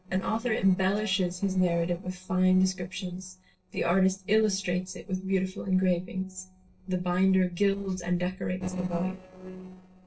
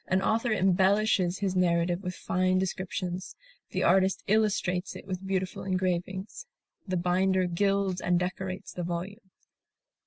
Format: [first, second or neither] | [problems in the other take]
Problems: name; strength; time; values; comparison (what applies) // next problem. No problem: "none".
second | noise reduction (neural separator model SepFormer DNS4)